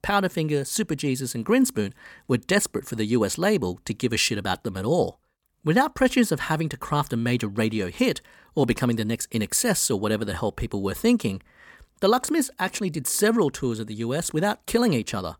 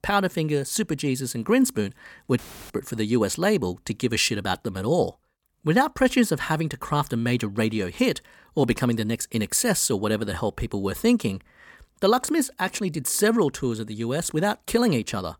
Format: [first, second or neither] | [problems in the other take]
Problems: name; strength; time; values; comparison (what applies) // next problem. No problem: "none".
first | audio cutting out; filled with static; at 2.5 s